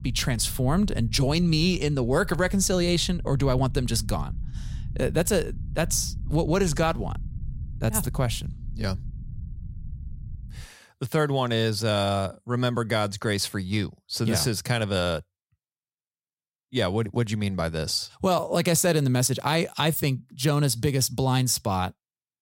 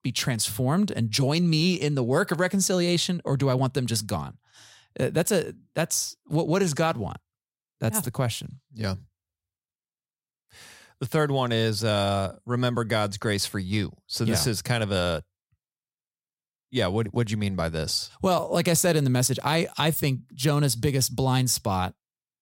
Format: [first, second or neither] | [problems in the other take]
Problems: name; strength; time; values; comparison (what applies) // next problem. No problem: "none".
second | low rumble; faint; until 11 s; 25 dB below the speech